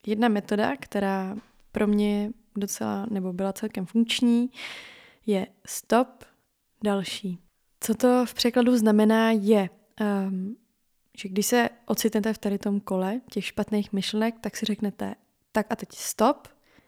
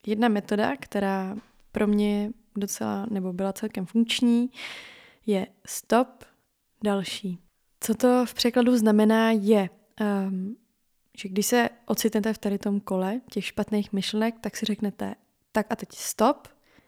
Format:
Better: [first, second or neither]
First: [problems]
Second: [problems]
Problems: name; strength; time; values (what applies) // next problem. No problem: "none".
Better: neither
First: none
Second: none